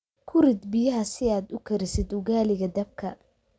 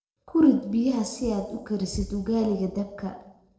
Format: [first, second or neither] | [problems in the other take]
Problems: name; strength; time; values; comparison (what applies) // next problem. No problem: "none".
first | noise reduction (neural separator model SepFormer DNS4)